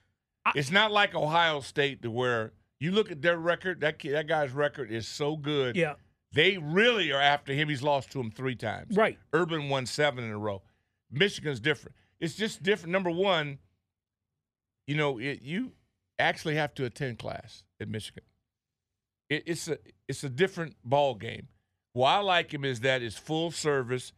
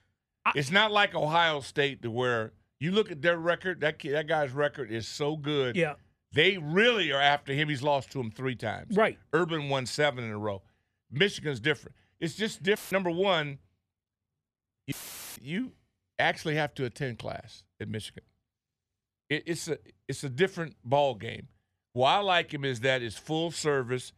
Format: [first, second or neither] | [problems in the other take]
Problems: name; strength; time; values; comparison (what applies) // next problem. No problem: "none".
first | audio cutting out; filled with static; at 13 s and at 15 s